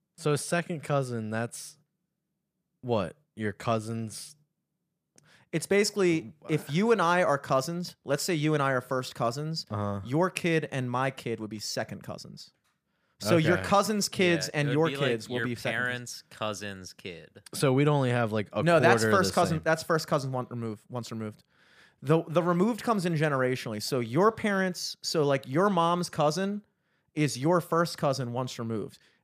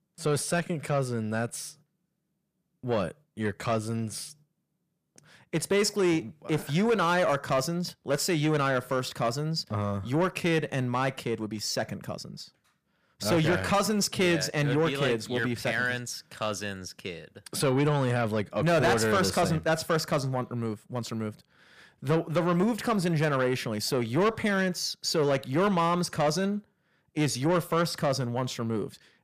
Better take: first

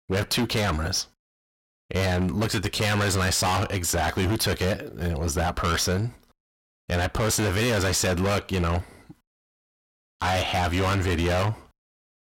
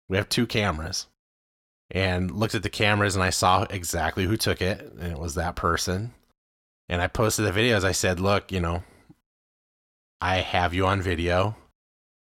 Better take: second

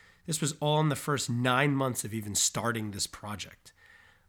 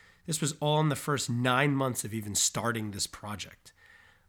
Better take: neither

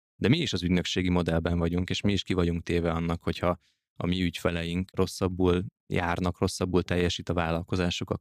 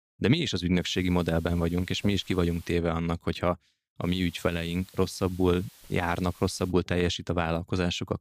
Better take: first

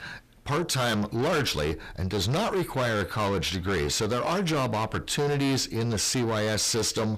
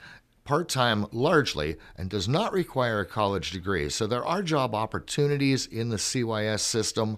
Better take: second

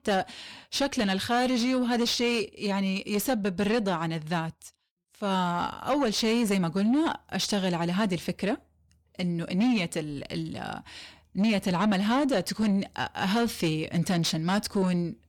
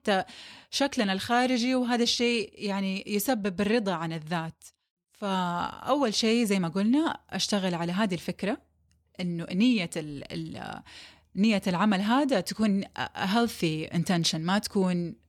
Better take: second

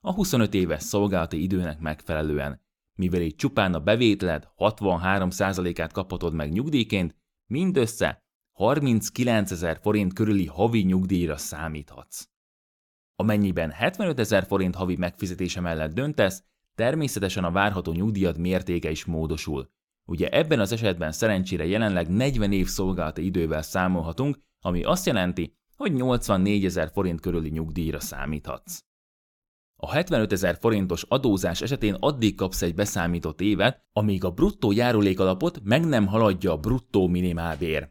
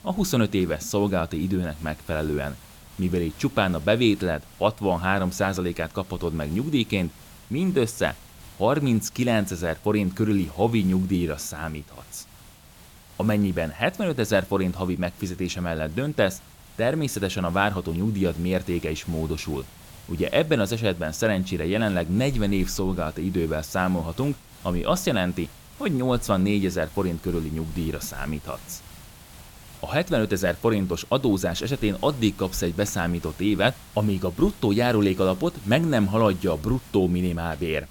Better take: first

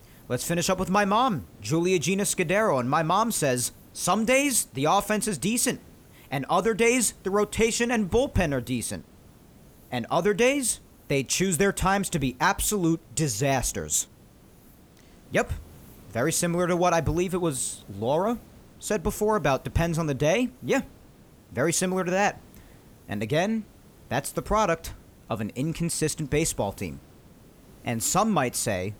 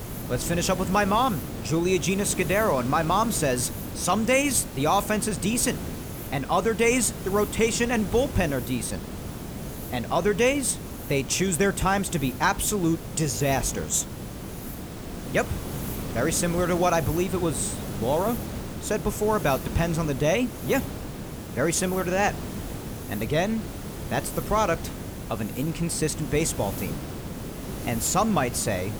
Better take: first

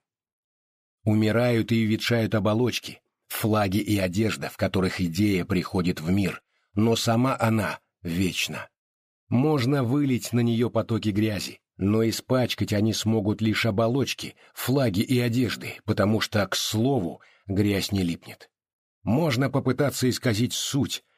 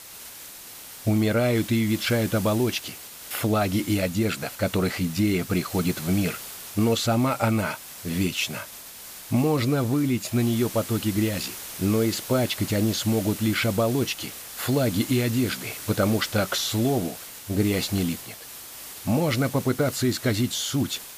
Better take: first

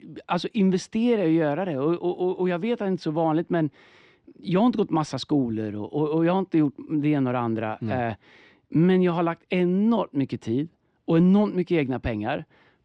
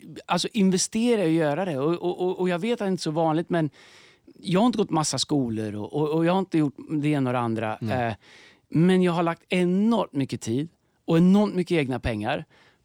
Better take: second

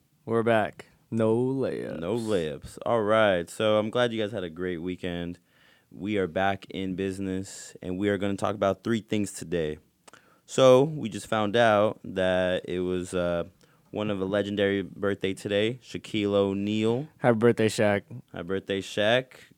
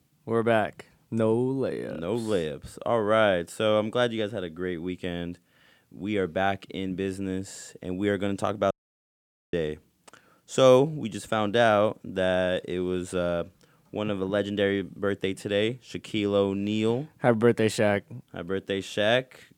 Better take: first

